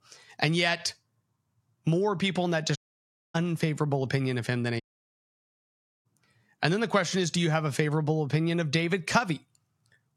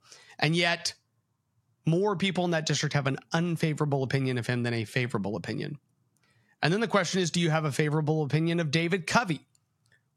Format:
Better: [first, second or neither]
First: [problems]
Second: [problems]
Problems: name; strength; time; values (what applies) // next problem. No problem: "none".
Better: second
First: audio cutting out; at 3 s for 0.5 s and at 5 s for 1.5 s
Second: none